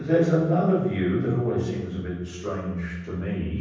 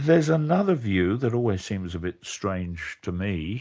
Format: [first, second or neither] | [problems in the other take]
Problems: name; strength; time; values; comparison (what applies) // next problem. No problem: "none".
second | room echo; dies away in 1.1 s